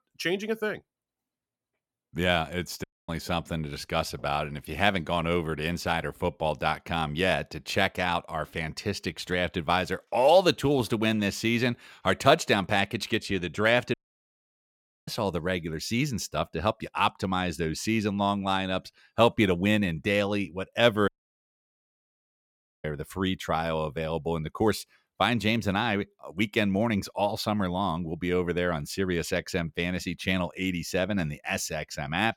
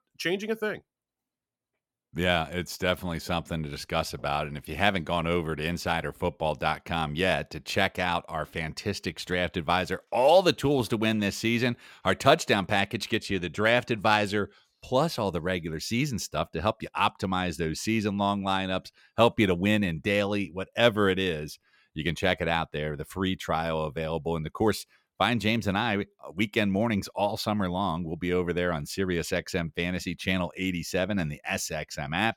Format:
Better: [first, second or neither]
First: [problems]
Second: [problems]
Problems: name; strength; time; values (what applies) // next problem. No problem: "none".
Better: second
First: audio cutting out; at 3 s, at 14 s for 1 s and at 21 s for 2 s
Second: none